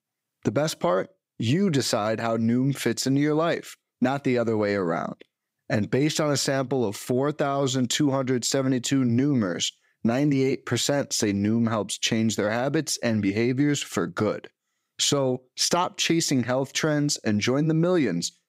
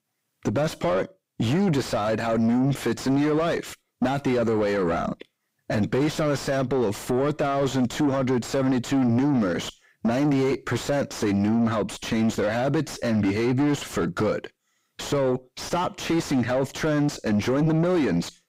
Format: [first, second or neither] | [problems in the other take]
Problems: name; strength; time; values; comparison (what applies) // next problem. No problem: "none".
first | distortion; heavy; 7 dB below the speech